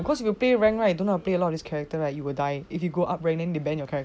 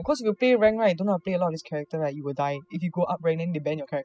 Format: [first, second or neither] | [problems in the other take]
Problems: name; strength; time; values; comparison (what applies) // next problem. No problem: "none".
first | noise reduction (classical method spectral subtraction)